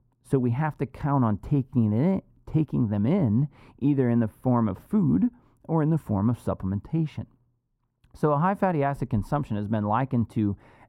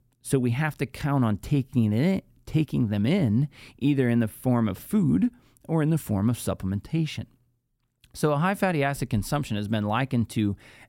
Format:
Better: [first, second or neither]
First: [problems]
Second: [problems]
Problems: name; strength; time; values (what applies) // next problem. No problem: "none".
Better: second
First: muffled; very; fading above 2 kHz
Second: none